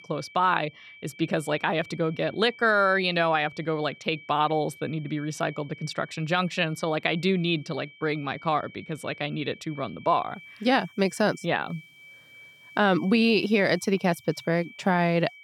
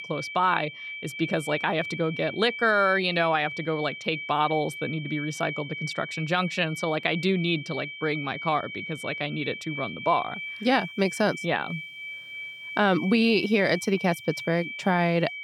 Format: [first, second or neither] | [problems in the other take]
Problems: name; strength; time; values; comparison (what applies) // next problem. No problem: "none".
first | high-pitched whine; loud; throughout; 2.5 kHz, 9 dB below the speech; faint in the first